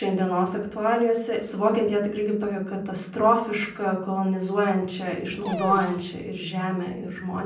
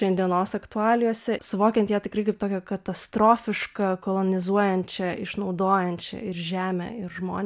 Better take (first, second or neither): second